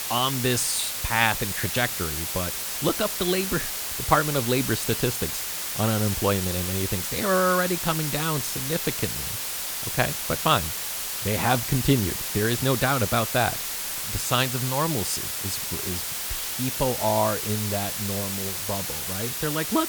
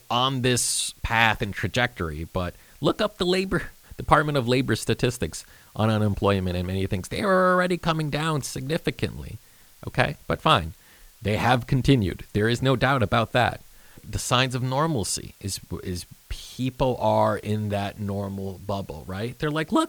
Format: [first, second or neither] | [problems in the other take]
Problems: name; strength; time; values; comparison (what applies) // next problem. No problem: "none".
second | hiss; loud; throughout; 1 dB below the speech; faint in the second